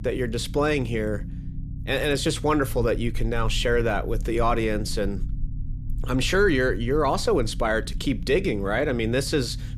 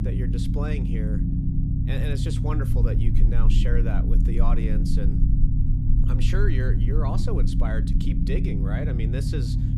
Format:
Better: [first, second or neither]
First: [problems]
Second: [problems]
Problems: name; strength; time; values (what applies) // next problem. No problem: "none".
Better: first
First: low rumble; faint; throughout; 25 dB below the speech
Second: low rumble; loud; throughout; 1 dB below the speech